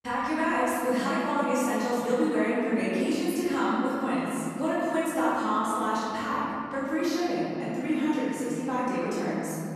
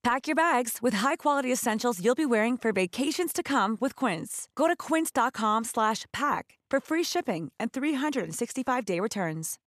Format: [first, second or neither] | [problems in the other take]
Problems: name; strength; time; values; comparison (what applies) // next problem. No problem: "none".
second | off-mic speech; far // room echo; strong; dies away in 3 s